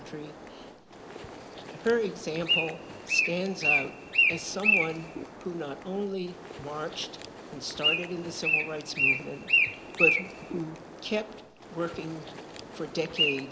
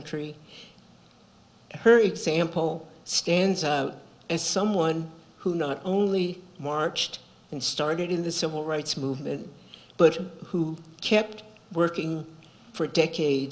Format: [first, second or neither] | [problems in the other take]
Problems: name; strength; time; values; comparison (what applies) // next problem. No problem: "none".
second | background sound (Bird); 4 dB above the speech